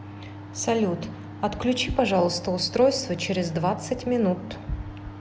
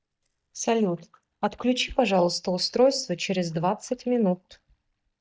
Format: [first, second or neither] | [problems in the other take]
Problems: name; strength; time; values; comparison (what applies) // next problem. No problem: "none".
first | noise reduction (neural mask model DeepFilterNet 3)